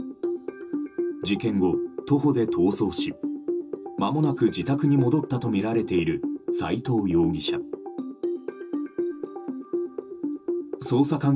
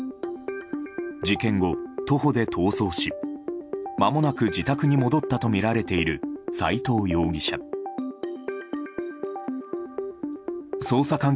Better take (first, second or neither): second